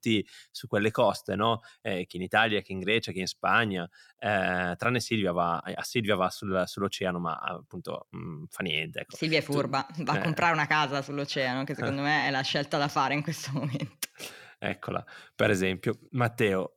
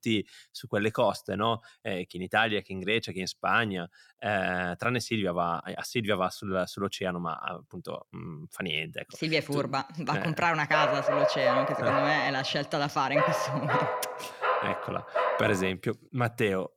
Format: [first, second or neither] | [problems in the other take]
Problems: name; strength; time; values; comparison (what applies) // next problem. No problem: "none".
first | dog barking; loud; from 11 to 16 s; peak 4 dB above the speech